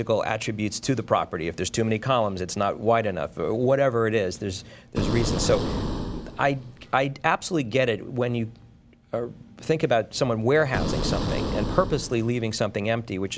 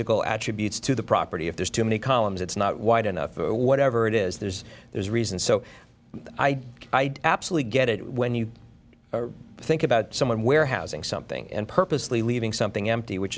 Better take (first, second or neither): second